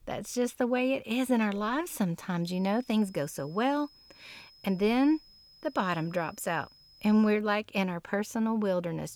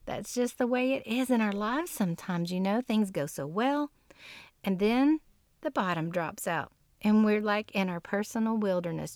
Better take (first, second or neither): second